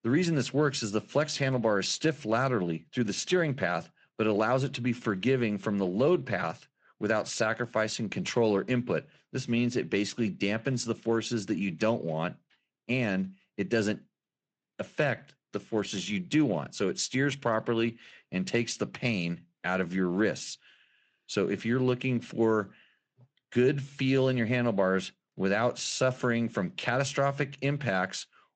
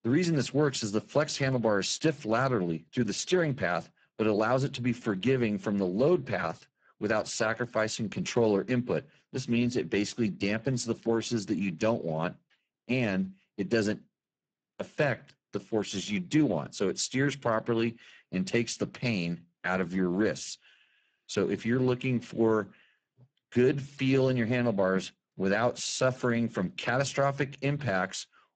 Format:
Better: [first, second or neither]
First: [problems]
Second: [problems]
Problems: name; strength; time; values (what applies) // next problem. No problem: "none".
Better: first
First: garbled, watery; slightly; nothing above 8 kHz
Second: garbled, watery; badly; nothing above 8 kHz